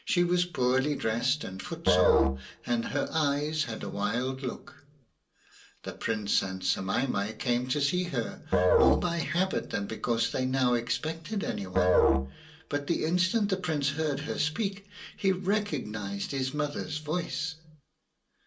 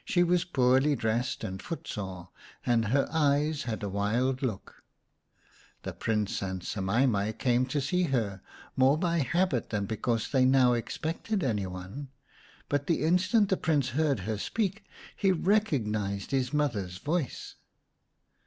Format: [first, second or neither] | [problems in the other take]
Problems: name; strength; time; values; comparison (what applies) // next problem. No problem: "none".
second | background sound (Musical instrument); as loud as the speech // room echo; dies away in 0.2 s